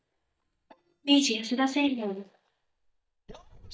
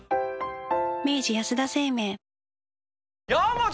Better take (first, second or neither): second